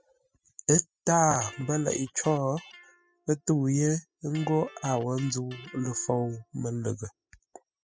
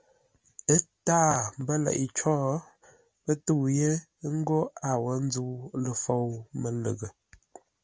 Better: second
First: noise reduction (classical method spectral subtraction)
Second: none

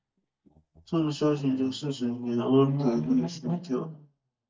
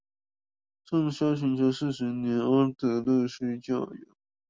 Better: second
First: noise reduction (neural mask model DeepFilterNet 3)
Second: none

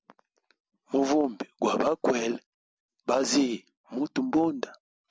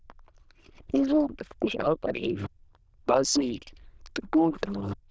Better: first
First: none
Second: noise reduction (neural diffusion model UNIVERSE++)

